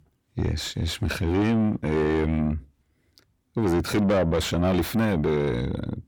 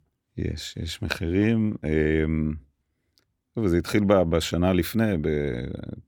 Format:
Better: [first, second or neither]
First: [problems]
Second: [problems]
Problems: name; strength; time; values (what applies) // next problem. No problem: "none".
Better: second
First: distortion; heavy; 7 dB below the speech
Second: none